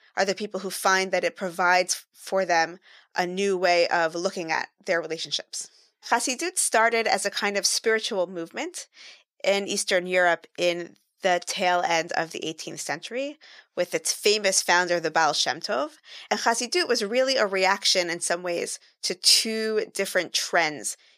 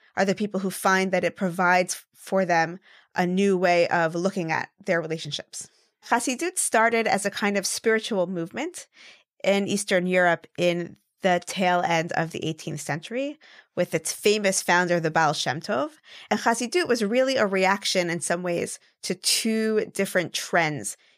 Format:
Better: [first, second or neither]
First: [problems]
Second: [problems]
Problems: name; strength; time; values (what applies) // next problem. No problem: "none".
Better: second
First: thin; somewhat; fading below 300 Hz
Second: none